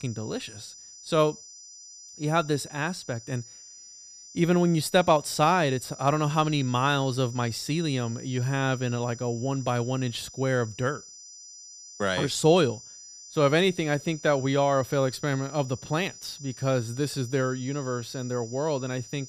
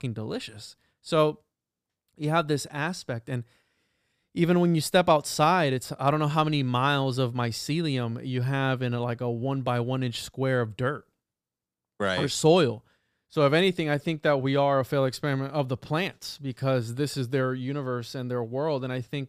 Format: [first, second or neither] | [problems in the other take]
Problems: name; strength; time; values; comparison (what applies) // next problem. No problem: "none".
second | high-pitched whine; noticeable; throughout; 6 kHz, 15 dB below the speech